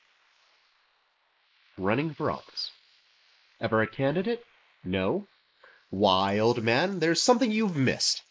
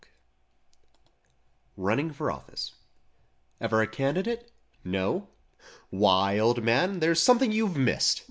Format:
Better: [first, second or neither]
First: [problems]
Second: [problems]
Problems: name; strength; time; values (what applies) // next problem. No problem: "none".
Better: second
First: noise reduction (neural mask model Resemble Enhance denoiser)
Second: none